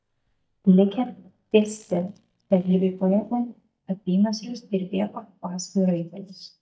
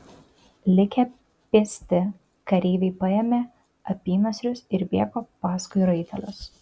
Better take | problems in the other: second | noise reduction (neural mask model DeepFilterNet 3)

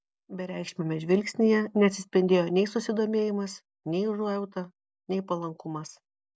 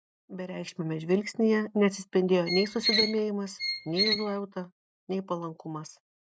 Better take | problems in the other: first | noise reduction (neural mask model RNNoise)

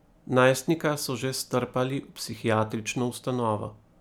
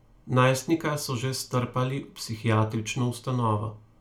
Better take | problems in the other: first | room echo; dies away in 0.2 s

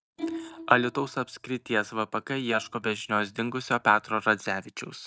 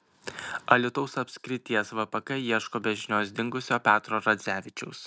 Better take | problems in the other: second | noise reduction (neural mask model DeepFilterNet 3)

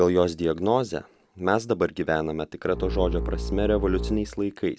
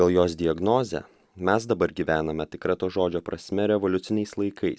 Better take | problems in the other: second | background sound (Bowed string instrument); 4 dB below the speech

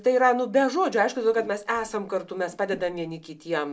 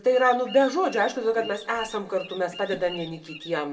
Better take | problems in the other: first | background sound (Bird vocalization, bird call, bird song); 18 dB below the speech // room echo; dies away in 1 s

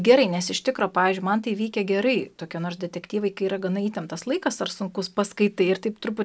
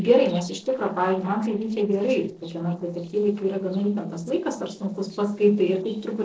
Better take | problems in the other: first | noise reduction (neural separator model SepFormer DNS4)

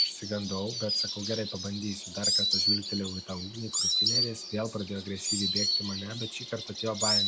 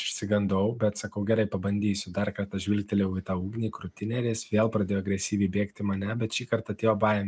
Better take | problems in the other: second | background sound (Insect); 4 dB above the speech

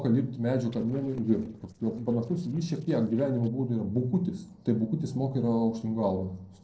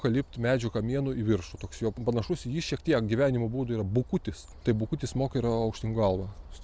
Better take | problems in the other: second | noise reduction (neural separator model SepFormer DNS4)

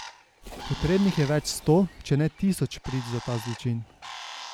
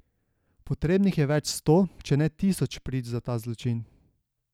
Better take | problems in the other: second | background sound (Splash, splatter + Bird); 14 dB below the speech

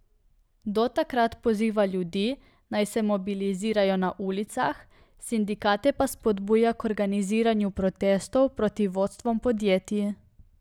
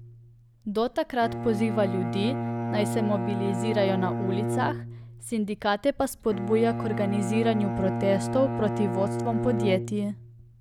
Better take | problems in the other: first | background sound (Bowed string instrument); 3 dB below the speech

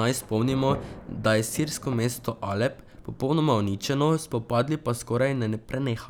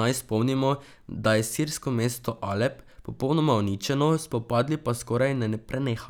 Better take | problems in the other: second | background sound (Thunder / Rain); 17 dB below the speech

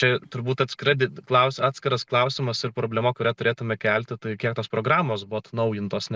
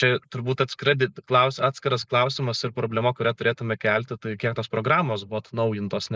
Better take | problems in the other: first | noise reduction (neural mask model Resemble Enhance denoiser)

